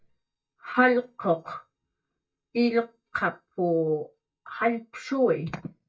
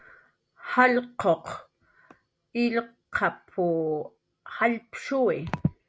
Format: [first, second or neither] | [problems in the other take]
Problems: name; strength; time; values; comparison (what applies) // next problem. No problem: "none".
second | noise reduction (neural mask model DeepFilterNet 3)